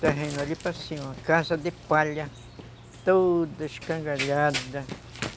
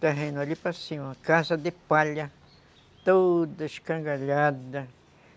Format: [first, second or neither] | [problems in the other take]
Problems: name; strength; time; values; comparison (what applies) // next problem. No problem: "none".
second | background sound (Run); 11 dB below the speech